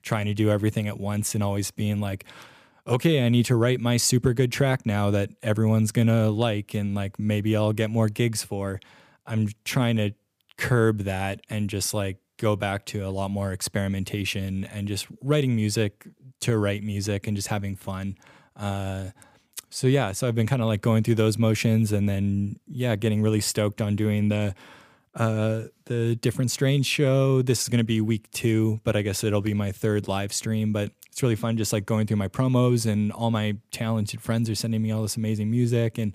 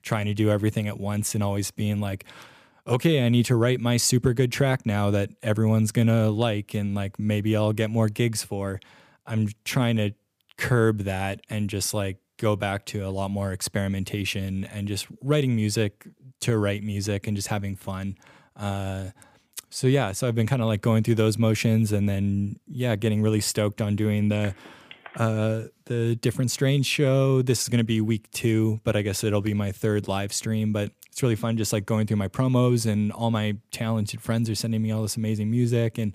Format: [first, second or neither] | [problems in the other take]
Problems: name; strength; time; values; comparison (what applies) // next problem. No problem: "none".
first | phone ringing; faint; at 24 s; peak 20 dB below the speech